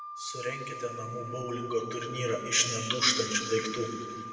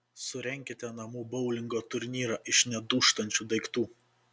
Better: second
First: background sound (Wind instrument, woodwind instrument); 9 dB below the speech // room echo; dies away in 2.6 s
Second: none

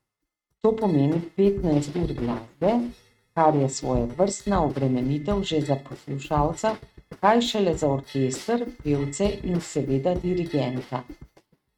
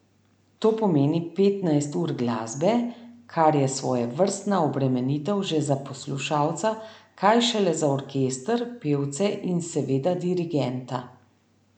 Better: second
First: noise reduction (neural mask model RNNoise)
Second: none

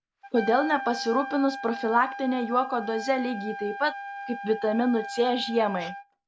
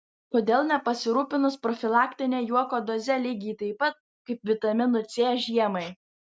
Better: second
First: background sound (Trumpet); 10 dB below the speech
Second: none

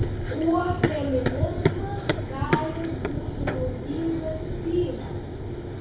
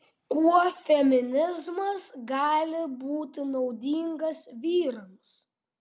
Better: second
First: background sound (Run); 2 dB above the speech // room echo; dies away in 0.6 s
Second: none

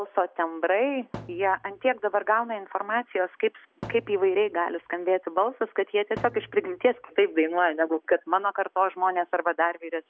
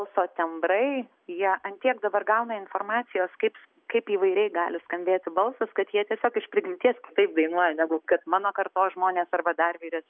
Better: second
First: background sound (Thump, thud); 18 dB below the speech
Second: none

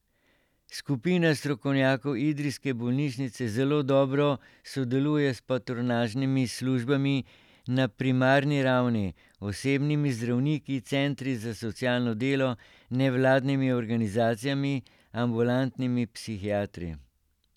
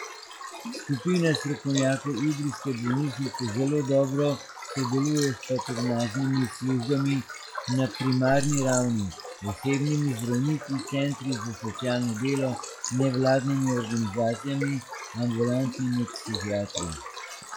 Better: first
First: none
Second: noise reduction (classical method log-MMSE)

